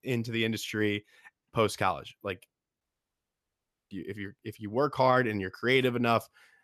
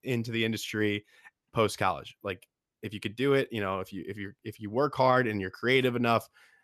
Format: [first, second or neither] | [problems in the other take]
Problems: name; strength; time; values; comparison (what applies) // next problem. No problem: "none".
second | audio cutting out; at 3 s for 1 s